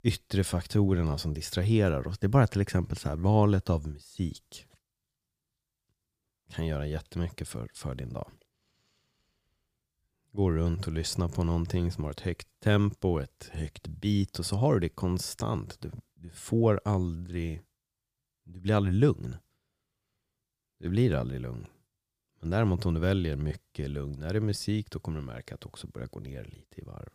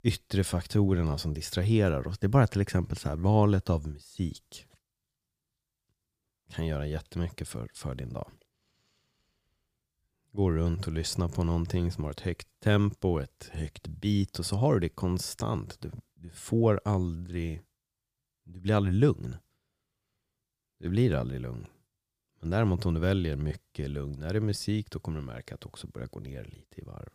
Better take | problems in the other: neither | none

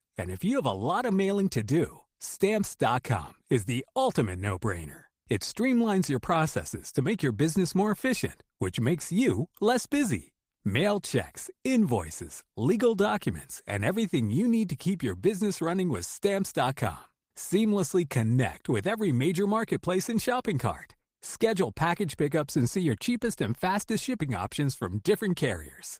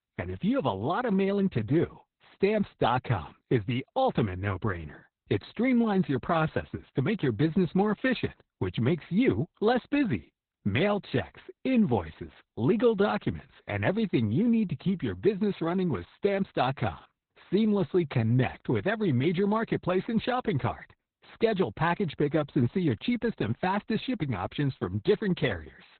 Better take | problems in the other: first | garbled, watery; badly; nothing above 4 kHz; slightly in the first

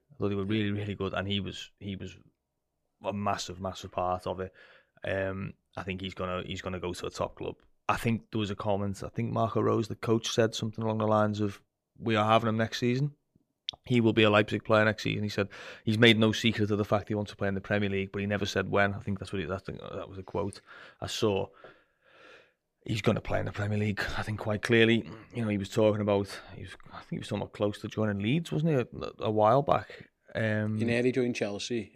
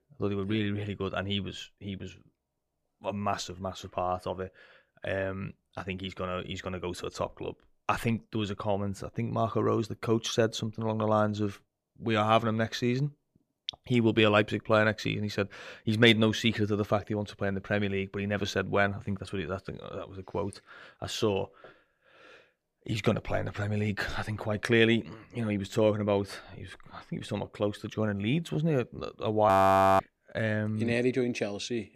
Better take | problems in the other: first | audio freezing; at 29 s for 0.5 s

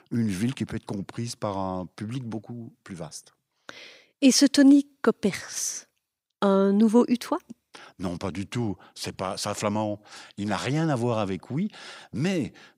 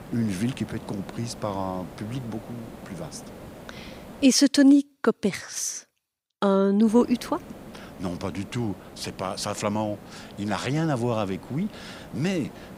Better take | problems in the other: first | hiss; noticeable; until 4.5 s and from 7 s on; 20 dB below the speech

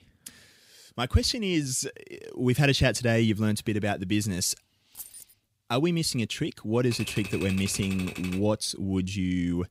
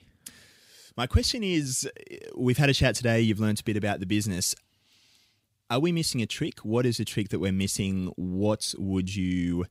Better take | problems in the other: second | jangling keys; faint; at 5 s; peak 15 dB below the speech // keyboard typing; noticeable; from 7 to 8.5 s; peak 9 dB below the speech

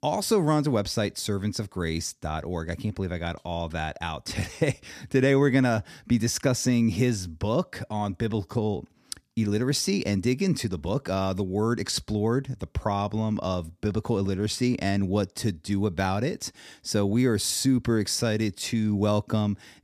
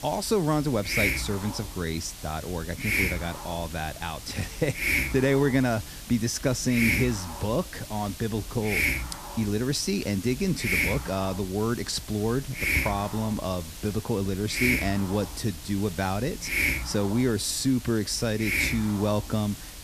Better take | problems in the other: first | hiss; loud; throughout; 2 dB below the speech

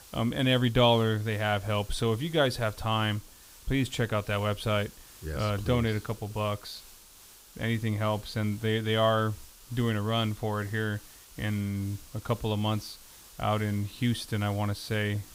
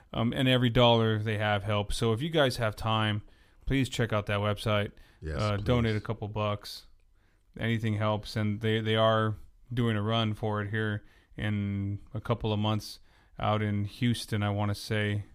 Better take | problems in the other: second | hiss; faint; throughout; 20 dB below the speech

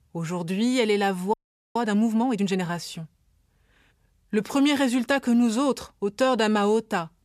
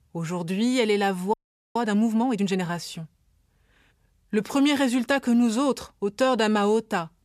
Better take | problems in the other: neither | audio freezing; at 1.5 s; the same in both

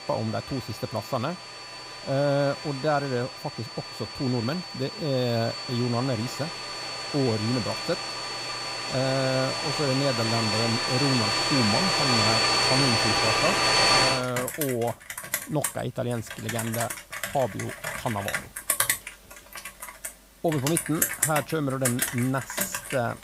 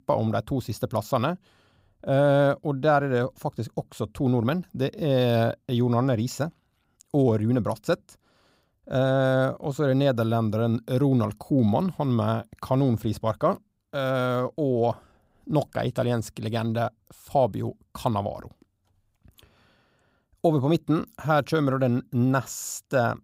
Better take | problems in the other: second | household noises; very loud; throughout; 3 dB above the speech

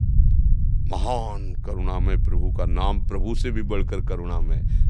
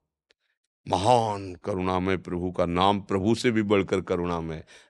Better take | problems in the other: second | low rumble; noticeable; throughout; 10 dB below the speech

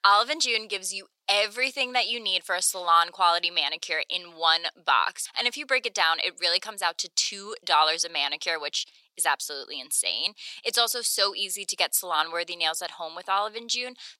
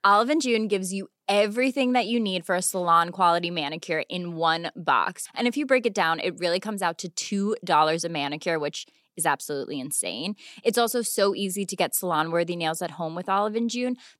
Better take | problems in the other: second | thin; very; fading below 800 Hz

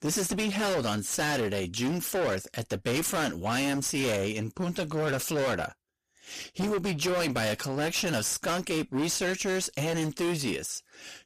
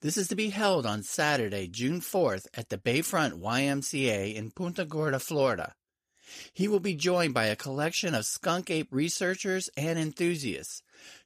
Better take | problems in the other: second | distortion; heavy; 25% of the sound clipped

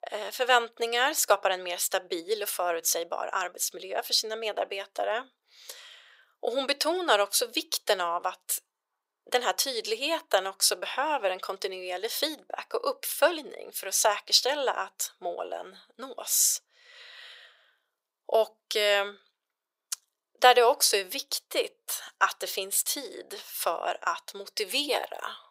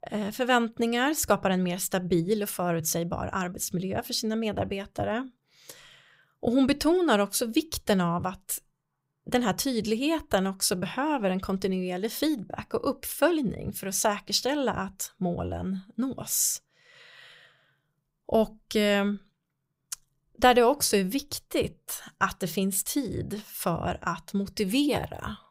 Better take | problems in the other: second | thin; very; fading below 450 Hz

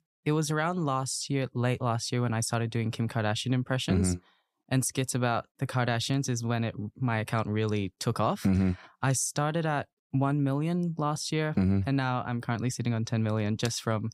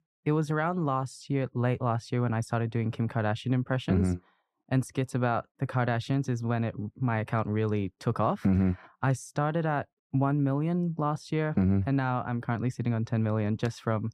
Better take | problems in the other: first | muffled; slightly; fading above 3 kHz

